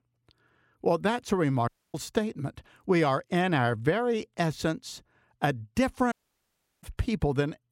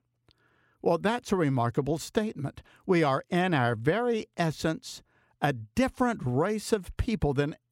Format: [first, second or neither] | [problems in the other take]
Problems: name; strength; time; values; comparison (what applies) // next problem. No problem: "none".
second | audio cutting out; at 1.5 s and at 6 s for 0.5 s